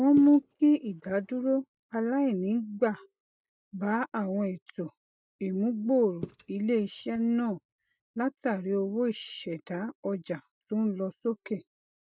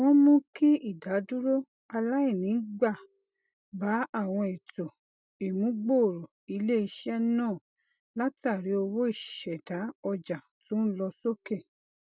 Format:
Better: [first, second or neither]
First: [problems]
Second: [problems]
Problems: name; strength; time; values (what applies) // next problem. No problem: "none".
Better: second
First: noise reduction (neural mask model DeepFilterNet 3)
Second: none